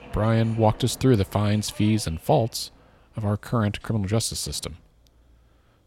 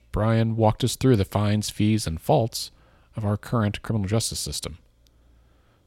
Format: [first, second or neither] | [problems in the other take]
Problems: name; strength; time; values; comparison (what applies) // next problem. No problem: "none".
second | train or aircraft noise; faint; throughout; 25 dB below the speech